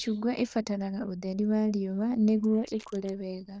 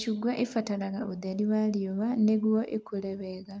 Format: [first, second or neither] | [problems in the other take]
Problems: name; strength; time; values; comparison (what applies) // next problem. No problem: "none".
second | noise reduction (neural diffusion model UNIVERSE++)